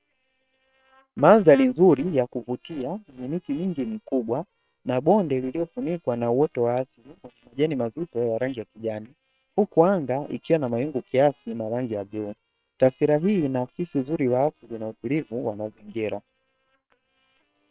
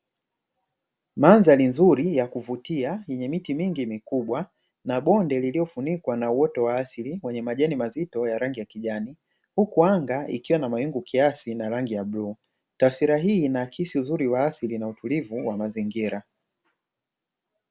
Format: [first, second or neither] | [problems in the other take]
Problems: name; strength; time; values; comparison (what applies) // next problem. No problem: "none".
second | noise reduction (neural separator model SepFormer WHAM!)